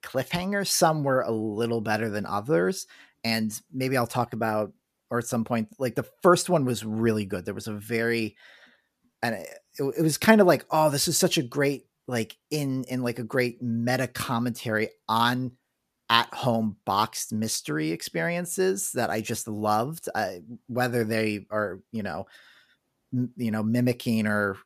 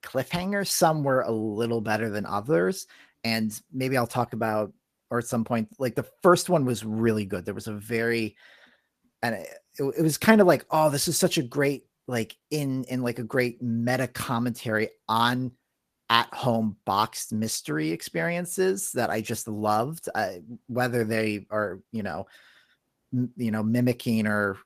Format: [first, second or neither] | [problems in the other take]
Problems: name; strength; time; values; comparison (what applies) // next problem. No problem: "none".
first | garbled, watery; slightly; nothing above 14.5 kHz